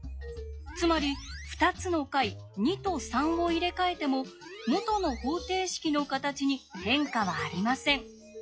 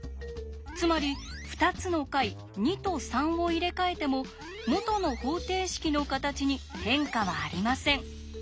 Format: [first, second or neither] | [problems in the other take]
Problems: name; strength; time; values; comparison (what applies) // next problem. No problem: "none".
second | noise reduction (classical method log-MMSE)